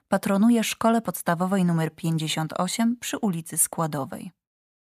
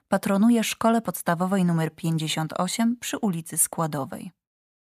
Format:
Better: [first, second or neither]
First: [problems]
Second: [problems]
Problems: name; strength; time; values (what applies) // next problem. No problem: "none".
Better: neither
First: none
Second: none